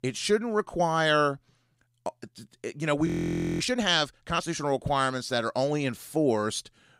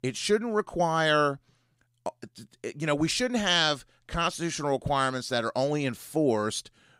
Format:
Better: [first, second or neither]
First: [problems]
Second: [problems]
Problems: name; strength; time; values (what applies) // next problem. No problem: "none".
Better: second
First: audio freezing; at 3 s for 0.5 s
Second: none